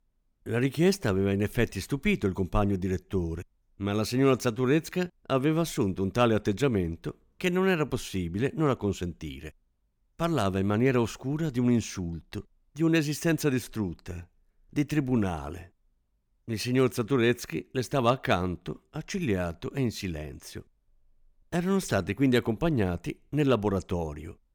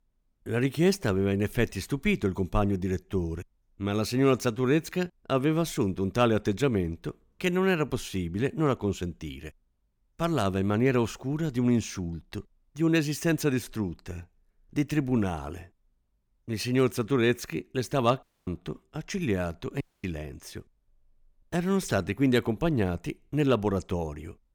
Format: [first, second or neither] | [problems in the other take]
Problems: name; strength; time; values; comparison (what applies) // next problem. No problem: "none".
first | audio cutting out; at 18 s and at 20 s